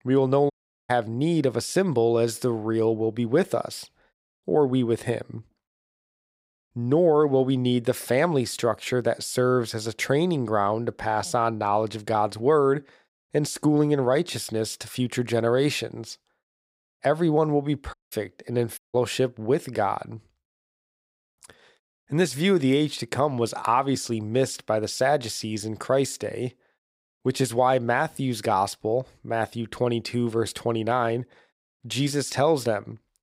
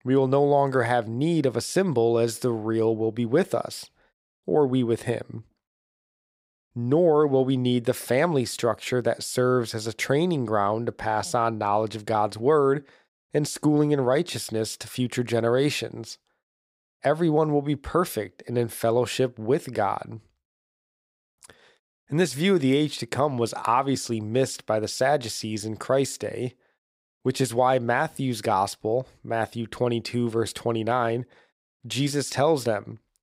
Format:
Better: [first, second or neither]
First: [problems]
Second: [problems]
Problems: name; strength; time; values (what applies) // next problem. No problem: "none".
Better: second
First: audio cutting out; at 0.5 s, at 18 s and at 19 s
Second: none